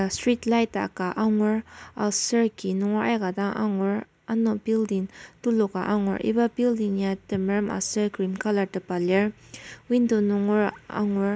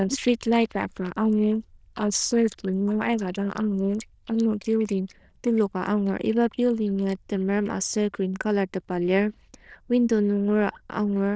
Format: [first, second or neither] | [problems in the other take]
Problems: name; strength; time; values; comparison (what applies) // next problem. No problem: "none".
first | noise reduction (neural diffusion model UNIVERSE++)